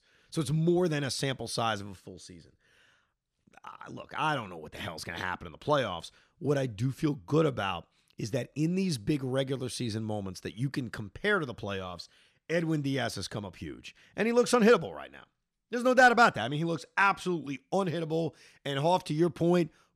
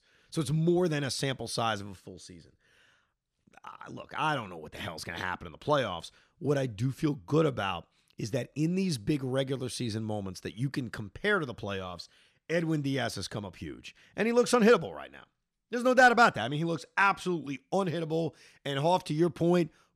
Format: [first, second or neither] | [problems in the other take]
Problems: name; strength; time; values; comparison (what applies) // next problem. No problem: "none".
neither | none